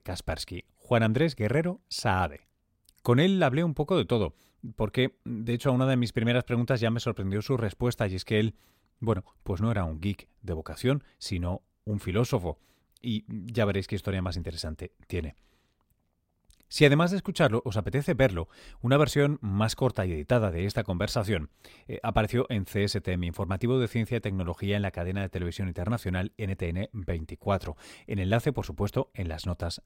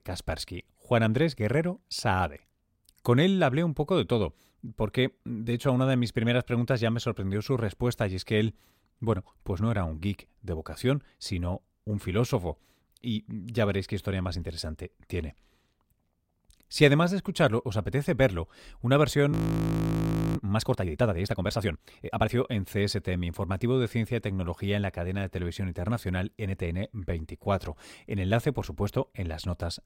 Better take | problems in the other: first | audio freezing; at 19 s for 1 s

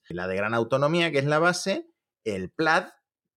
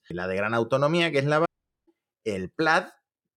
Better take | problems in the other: first | audio cutting out; at 1.5 s

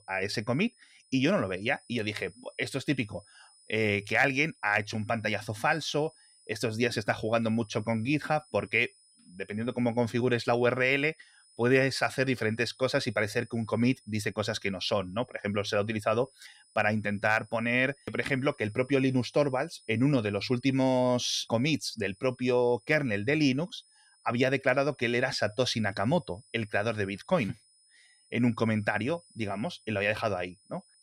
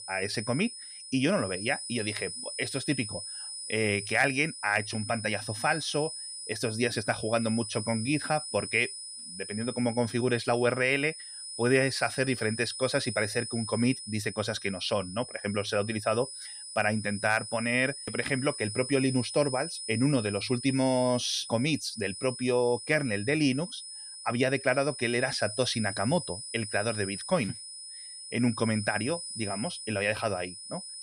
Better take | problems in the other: first | high-pitched whine; loud; throughout; 5 kHz, 8 dB below the speech; faint in the first

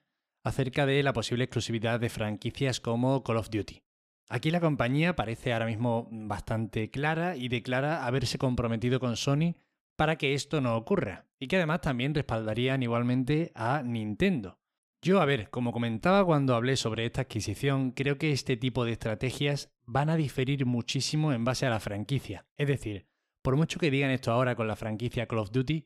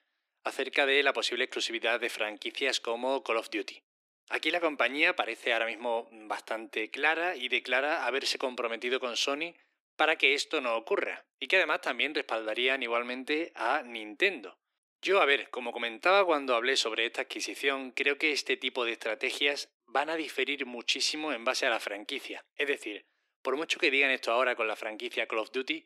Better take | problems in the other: first | thin; very; fading below 300 Hz

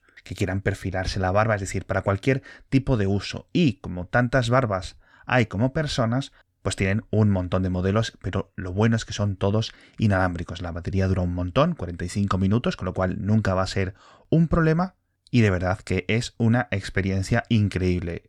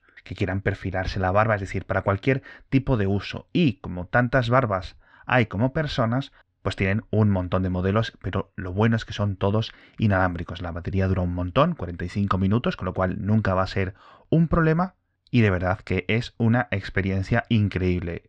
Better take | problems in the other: first | muffled; very slightly; fading above 3 kHz

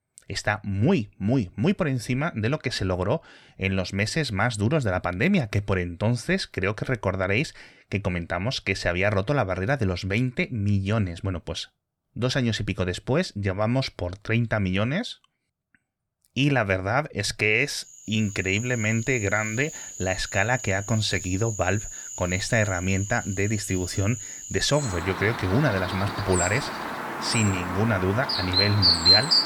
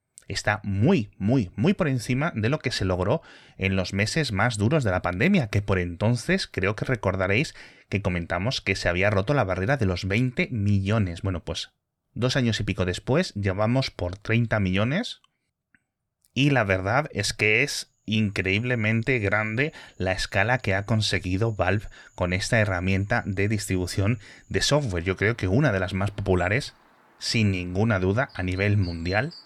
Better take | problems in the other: second | animal sounds; loud; from 18 s on; 2 dB below the speech; faint in the second

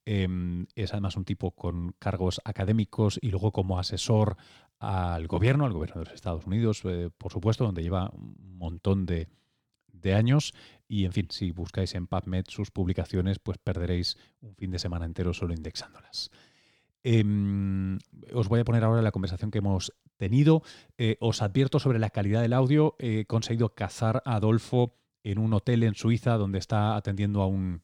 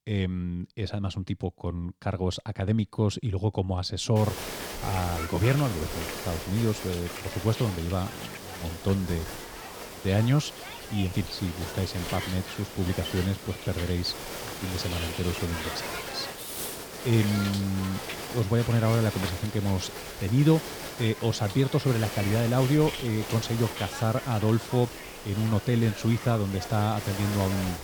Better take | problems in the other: first | hiss; loud; from 4 s on; 8 dB below the speech

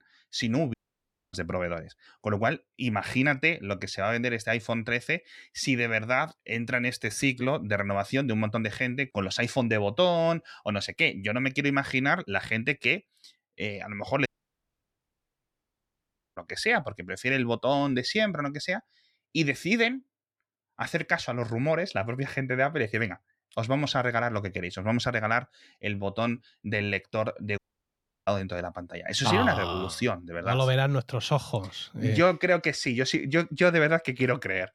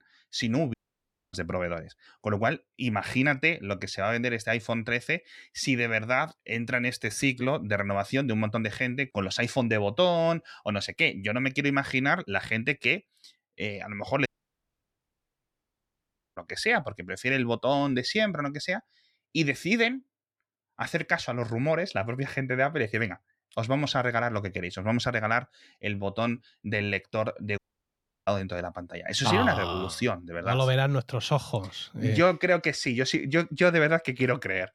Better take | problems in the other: neither | audio cutting out; at 0.5 s for 0.5 s, at 14 s for 2 s and at 28 s for 0.5 s; the same in both

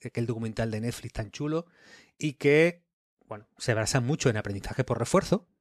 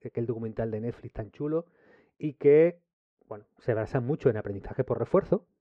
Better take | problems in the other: first | muffled; very; fading above 4 kHz

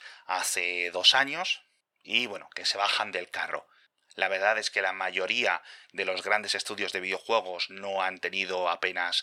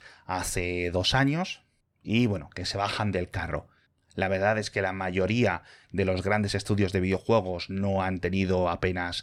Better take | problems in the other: second | thin; very; fading below 750 Hz

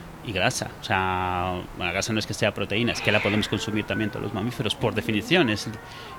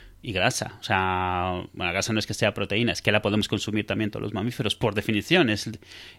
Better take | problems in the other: second | hiss; noticeable; throughout; 10 dB below the speech

